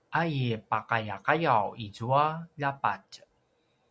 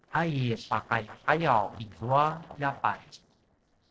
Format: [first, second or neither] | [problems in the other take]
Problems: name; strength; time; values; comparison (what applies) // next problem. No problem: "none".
first | noise reduction (neural separator model SepFormer DNS4)